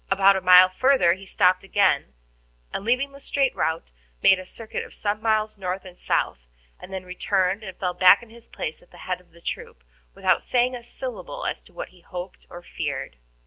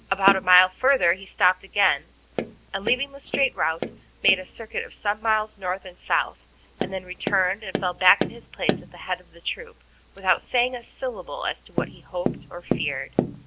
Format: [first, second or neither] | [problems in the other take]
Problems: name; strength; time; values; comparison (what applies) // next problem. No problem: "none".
first | background sound (Tap); 7 dB below the speech